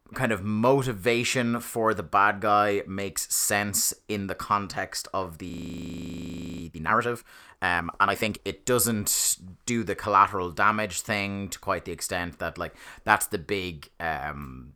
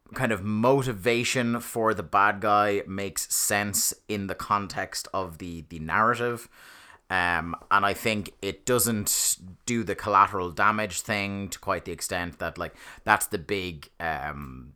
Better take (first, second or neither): second